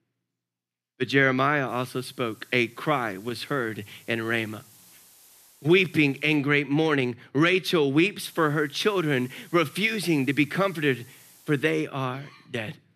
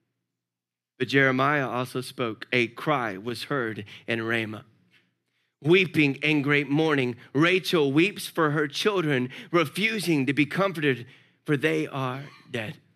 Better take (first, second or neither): second